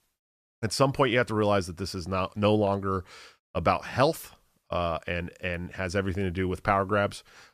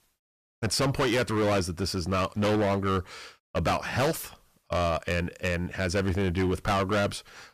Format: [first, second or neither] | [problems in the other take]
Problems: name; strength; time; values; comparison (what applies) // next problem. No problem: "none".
first | distortion; heavy; 15% of the sound clipped